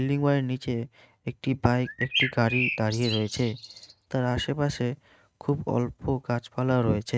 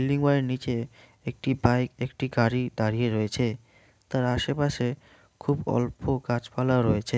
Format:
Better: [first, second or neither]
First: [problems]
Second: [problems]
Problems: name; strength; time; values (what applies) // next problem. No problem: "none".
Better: second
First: noise reduction (neural mask model RNNoise)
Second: none